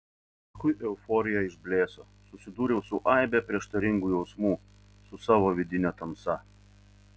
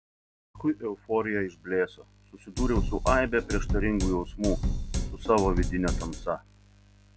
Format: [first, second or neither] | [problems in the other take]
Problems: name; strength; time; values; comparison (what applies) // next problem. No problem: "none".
first | background sound (Drum kit); as loud as the speech